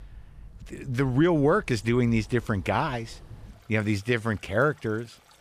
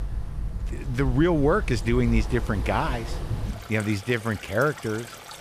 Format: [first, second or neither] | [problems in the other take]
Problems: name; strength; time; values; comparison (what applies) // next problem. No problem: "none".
first | rain or running water; loud; throughout; 8 dB below the speech; faint in the first